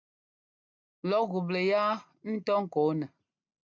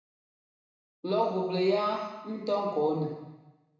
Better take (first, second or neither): first